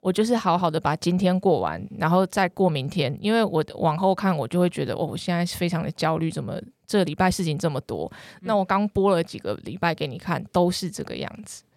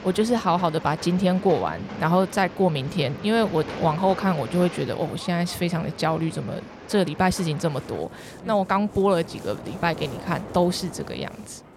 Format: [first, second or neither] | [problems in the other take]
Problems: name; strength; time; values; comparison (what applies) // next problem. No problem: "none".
first | train or aircraft noise; noticeable; throughout; 15 dB below the speech